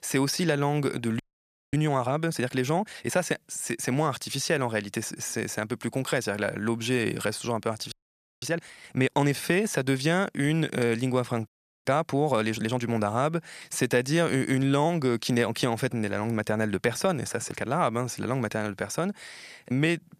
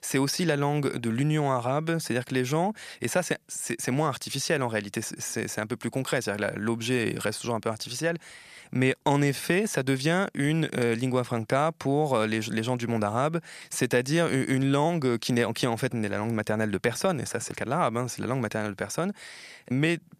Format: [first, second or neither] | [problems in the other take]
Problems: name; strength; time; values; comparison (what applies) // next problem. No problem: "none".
second | audio freezing; at 1 s for 0.5 s, at 8 s for 0.5 s and at 11 s